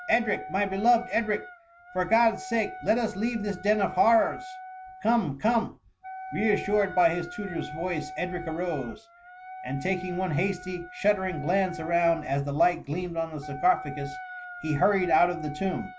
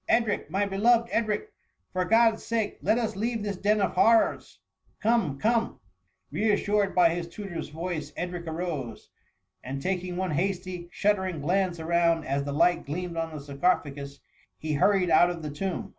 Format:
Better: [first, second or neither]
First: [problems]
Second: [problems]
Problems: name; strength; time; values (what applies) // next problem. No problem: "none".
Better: second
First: background sound (Wind instrument, woodwind instrument); 14 dB below the speech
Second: none